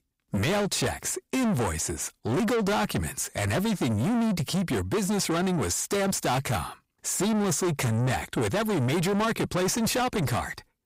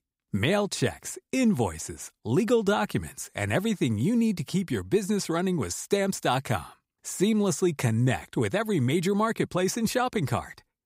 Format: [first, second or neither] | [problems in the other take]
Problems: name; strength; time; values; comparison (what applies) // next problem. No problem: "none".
second | distortion; heavy; 6 dB below the speech